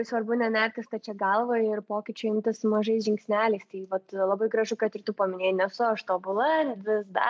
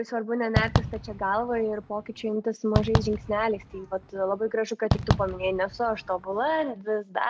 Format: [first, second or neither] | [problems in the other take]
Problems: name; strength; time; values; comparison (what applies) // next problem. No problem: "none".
first | background sound (Fireworks); 3 dB below the speech